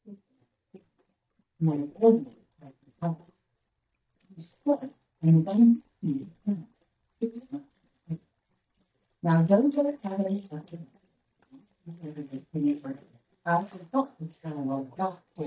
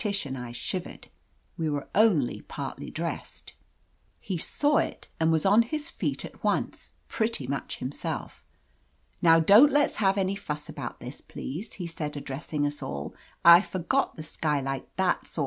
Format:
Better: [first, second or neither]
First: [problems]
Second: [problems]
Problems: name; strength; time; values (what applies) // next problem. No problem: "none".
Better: second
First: noise reduction (neural mask model DeepFilterNet 3)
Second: none